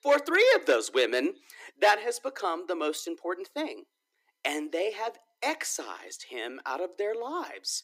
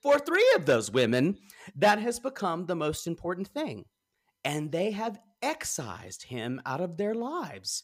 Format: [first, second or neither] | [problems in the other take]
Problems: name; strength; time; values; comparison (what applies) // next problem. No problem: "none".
second | thin; somewhat; fading below 300 Hz